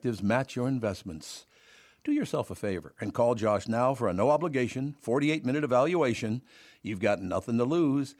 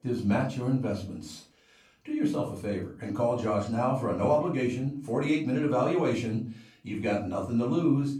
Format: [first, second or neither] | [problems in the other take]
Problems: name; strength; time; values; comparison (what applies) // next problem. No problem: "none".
first | room echo; slight; dies away in 0.4 s // off-mic speech; far